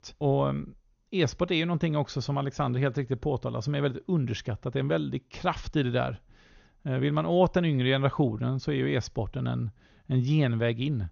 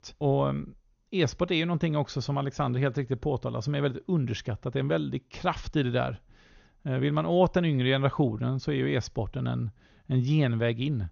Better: neither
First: garbled, watery; slightly; nothing above 6.5 kHz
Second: garbled, watery; slightly; nothing above 6.5 kHz

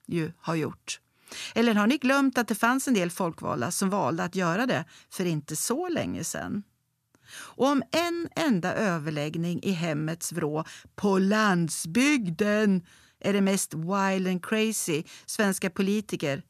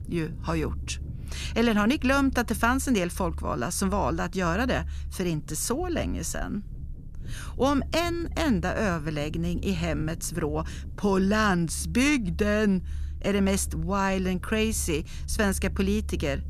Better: first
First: none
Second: low rumble; faint; throughout; 25 dB below the speech

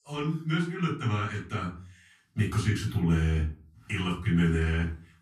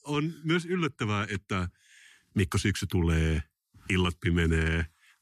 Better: second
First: off-mic speech; far // room echo; slight; dies away in 0.3 s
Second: none

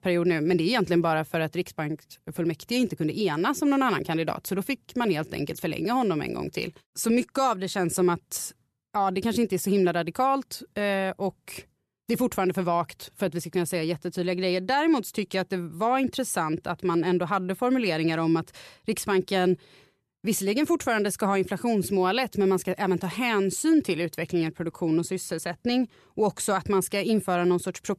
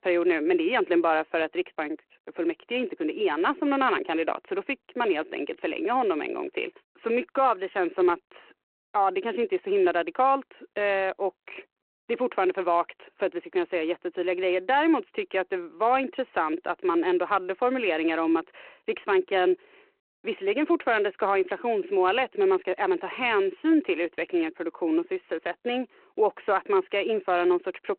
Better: first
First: none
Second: phone-call audio

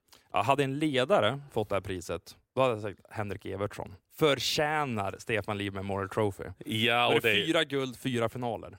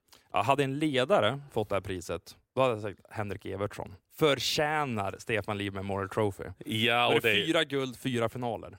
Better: neither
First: none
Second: none

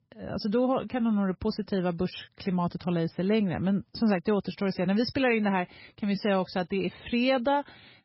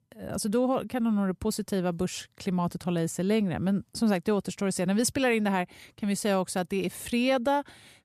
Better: second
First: garbled, watery; badly; nothing above 5.5 kHz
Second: none

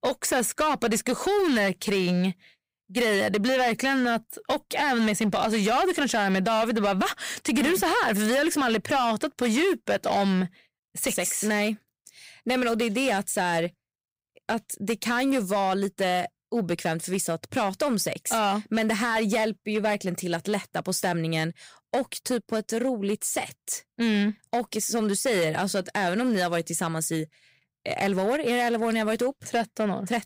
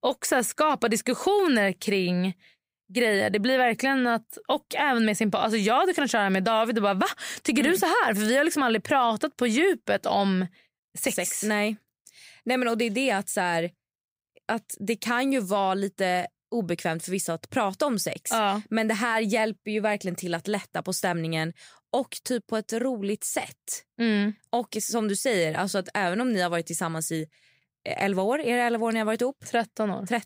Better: second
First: distortion; slight; 10% of the sound clipped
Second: none

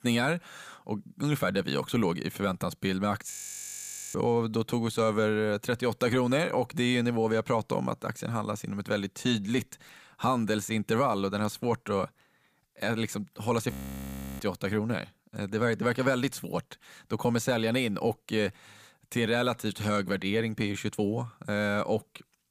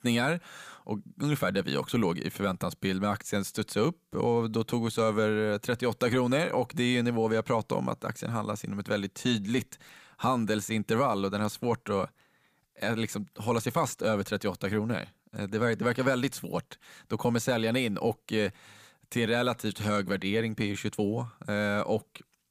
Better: second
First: audio freezing; at 3.5 s for 1 s and at 14 s for 0.5 s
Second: none

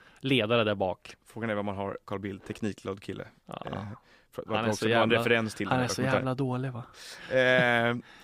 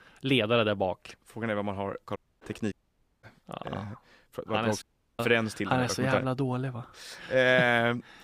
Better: first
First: none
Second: audio cutting out; at 2 s, at 2.5 s for 0.5 s and at 5 s

